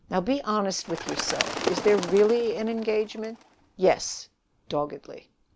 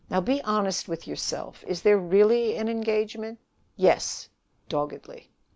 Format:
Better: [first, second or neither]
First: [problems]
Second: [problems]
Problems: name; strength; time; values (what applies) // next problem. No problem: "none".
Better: second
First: background sound (Bird); 8 dB below the speech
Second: none